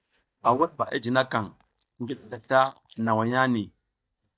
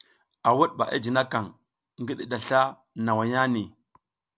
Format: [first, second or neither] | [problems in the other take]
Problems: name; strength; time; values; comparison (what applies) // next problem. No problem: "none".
second | noise reduction (neural mask model DeepFilterNet 3)